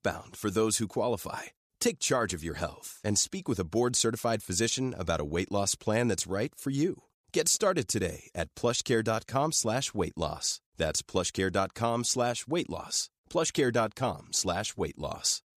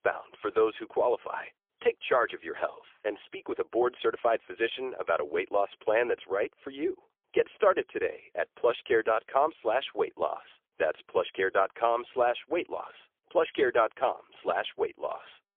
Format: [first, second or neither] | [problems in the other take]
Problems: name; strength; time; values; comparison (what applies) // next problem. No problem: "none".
first | phone-call audio; poor line; nothing above 3.5 kHz